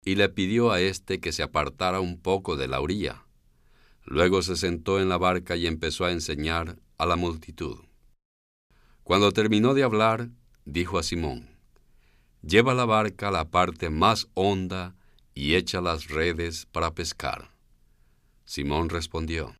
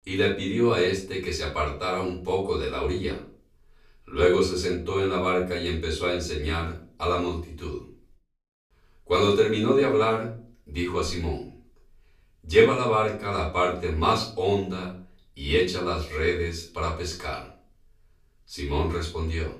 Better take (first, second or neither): first